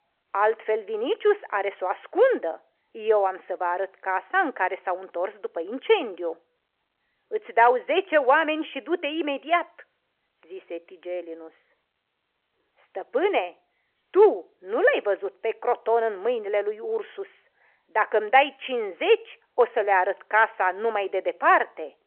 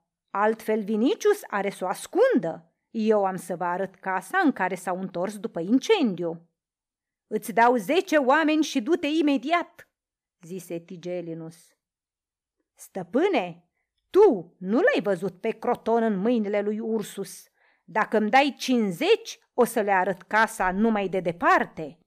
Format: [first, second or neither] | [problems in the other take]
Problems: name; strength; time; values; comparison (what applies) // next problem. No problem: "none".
second | phone-call audio